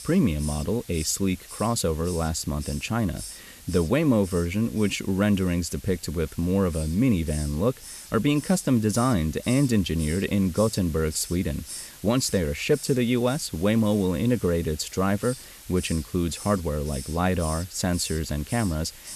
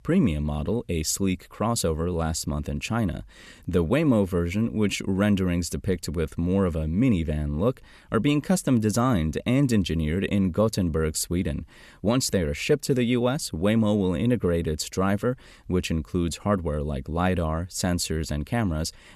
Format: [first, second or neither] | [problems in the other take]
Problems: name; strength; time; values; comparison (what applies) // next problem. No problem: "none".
second | hiss; noticeable; throughout; 15 dB below the speech